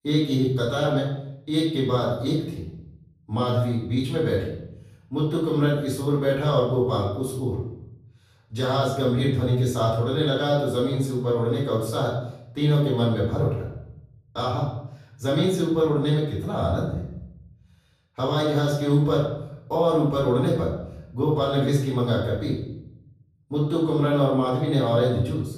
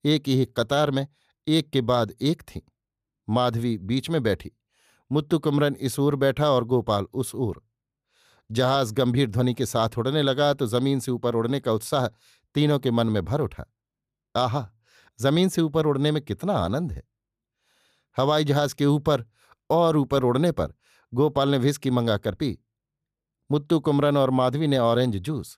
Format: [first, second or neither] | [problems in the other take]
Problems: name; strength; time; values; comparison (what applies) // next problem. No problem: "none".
second | off-mic speech; far // room echo; noticeable; dies away in 0.8 s